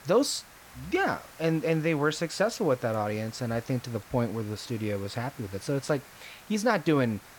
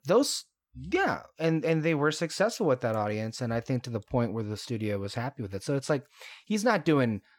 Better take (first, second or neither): second